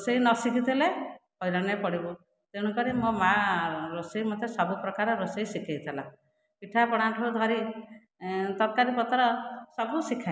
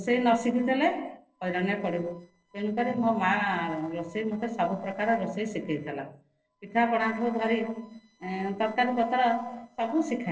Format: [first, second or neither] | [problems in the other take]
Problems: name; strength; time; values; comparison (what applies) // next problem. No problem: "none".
first | noise reduction (neural separator model SepFormer DNS4)